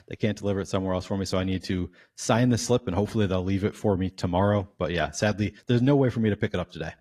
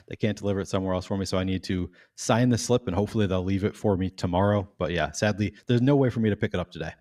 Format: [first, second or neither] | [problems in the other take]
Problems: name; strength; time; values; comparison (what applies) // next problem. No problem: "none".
second | garbled, watery; slightly